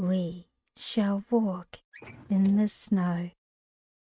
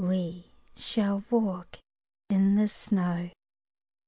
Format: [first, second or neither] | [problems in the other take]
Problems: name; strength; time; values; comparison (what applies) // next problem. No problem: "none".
second | noise reduction (neural mask model RNNoise)